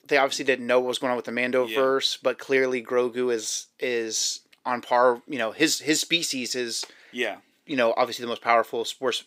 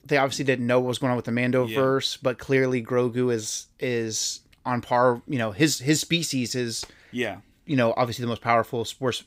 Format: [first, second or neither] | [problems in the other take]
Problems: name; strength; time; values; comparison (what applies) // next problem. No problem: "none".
second | thin; somewhat; fading below 400 Hz